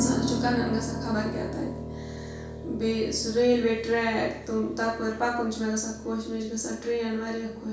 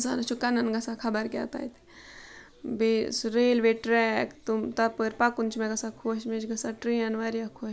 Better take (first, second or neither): second